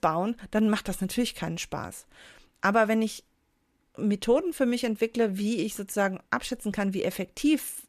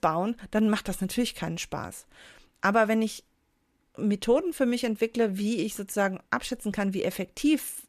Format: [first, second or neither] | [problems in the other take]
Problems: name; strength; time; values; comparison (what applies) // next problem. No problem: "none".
neither | none